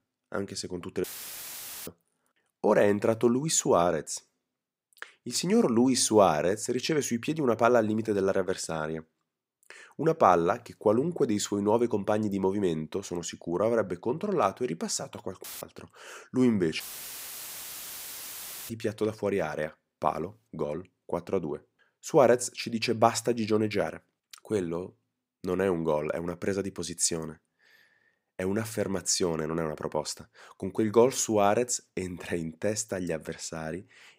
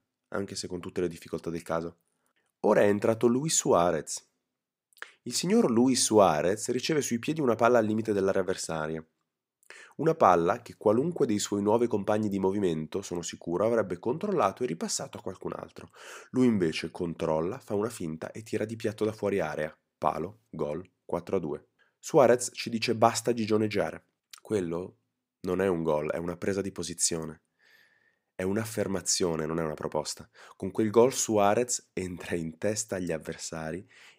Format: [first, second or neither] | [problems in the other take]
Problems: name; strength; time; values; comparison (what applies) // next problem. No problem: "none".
second | audio cutting out; filled with static; at 1 s for 1 s, at 15 s and at 17 s for 2 s